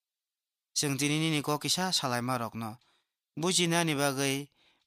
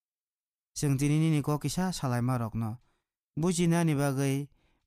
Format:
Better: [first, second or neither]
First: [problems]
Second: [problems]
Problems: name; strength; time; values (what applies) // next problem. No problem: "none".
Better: second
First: thin; somewhat; fading below 1 kHz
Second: none